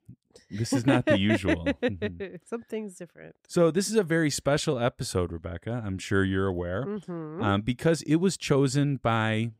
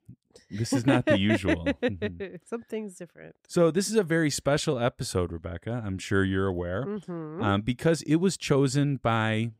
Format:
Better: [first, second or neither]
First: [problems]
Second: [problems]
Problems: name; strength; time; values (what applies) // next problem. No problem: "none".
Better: neither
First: none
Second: none